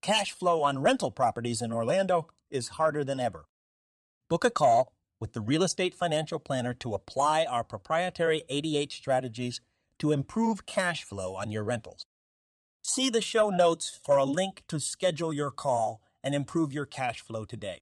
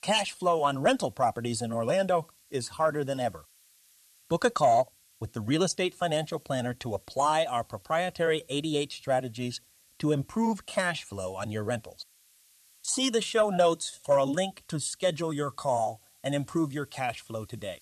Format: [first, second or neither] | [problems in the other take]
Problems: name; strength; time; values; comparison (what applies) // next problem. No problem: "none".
first | hiss; faint; throughout; 30 dB below the speech